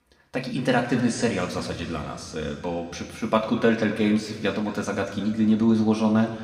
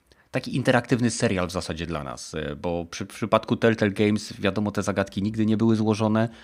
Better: second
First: room echo; slight; dies away in 1.9 s // off-mic speech; somewhat distant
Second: none

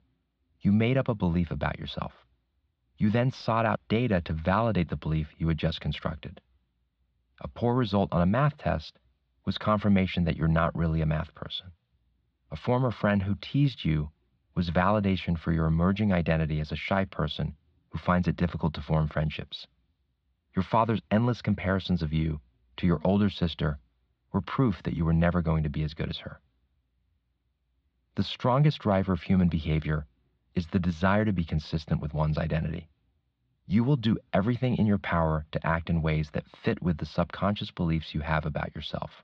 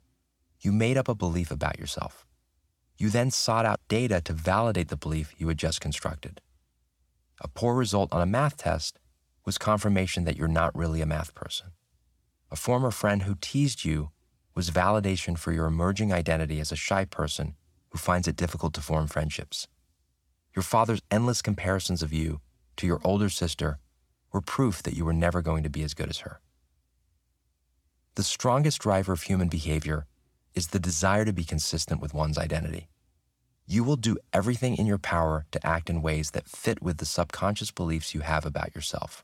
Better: second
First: muffled; slightly; fading above 4 kHz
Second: none

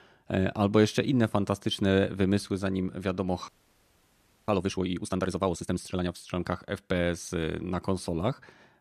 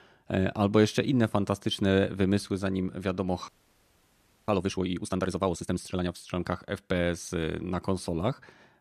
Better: neither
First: audio freezing; at 3.5 s for 1 s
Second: audio freezing; at 3.5 s for 1 s

